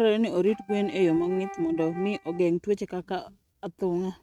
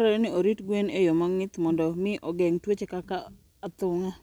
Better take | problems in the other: second | noise reduction (neural mask model RNNoise)

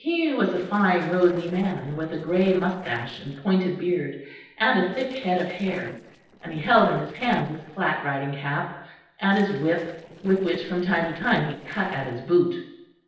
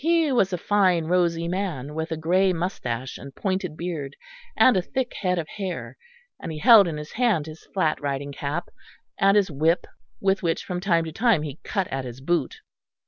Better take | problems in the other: second | noise reduction (neural separator model SepFormer DNS4)

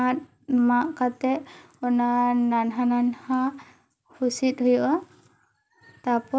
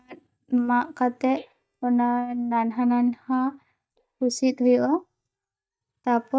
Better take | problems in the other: first | noise reduction (neural mask model DeepFilterNet 3)

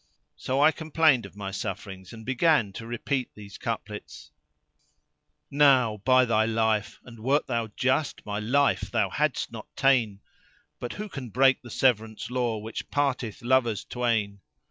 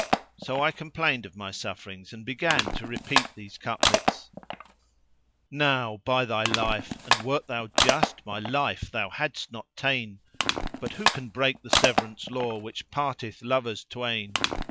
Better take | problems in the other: first | background sound (Crushing); as loud as the speech

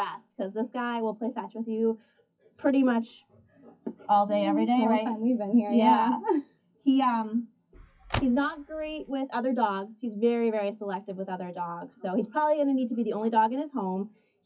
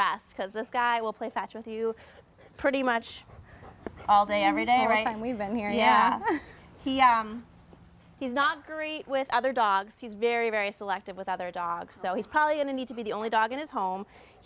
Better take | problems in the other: second | noise reduction (classical method WPE with log-MMSE)

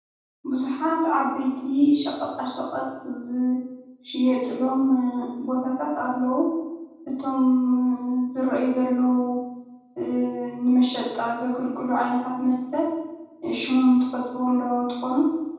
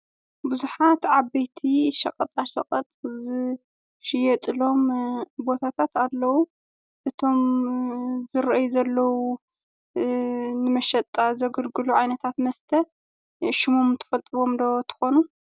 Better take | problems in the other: second | room echo; dies away in 1.1 s

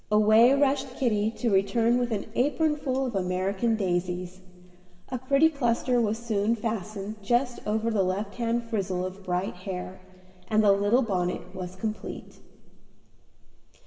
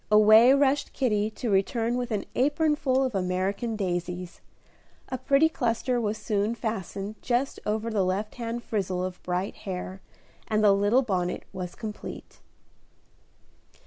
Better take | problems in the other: second | room echo; dies away in 2 s

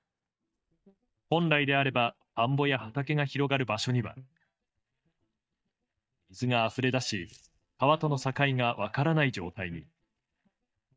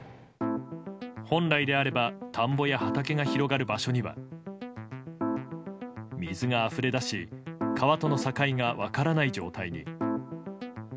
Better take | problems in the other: second | noise reduction (neural mask model DeepFilterNet 3)

